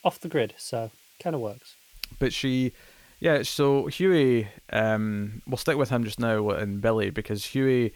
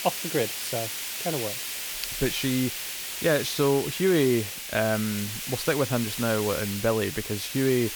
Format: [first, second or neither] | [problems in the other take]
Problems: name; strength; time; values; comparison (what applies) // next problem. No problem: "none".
first | hiss; loud; throughout; 4 dB below the speech; faint in the first